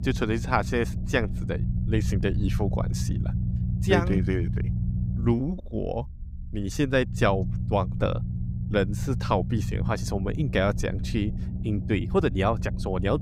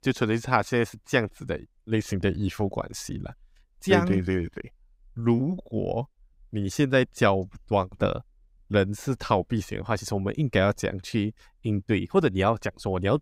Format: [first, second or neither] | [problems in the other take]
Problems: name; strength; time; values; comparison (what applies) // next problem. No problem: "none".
second | low rumble; noticeable; throughout; 15 dB below the speech